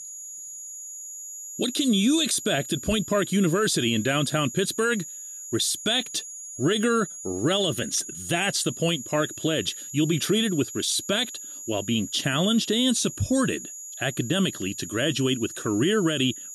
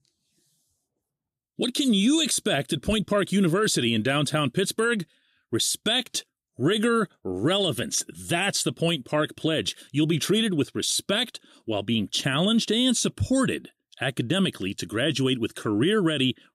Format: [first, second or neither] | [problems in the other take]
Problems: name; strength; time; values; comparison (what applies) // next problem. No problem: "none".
second | high-pitched whine; noticeable; throughout; 7 kHz, 10 dB below the speech